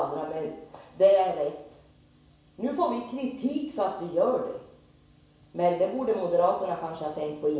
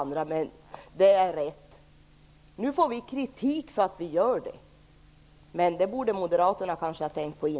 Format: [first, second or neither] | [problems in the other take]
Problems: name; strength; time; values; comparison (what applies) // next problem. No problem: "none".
second | room echo; dies away in 0.7 s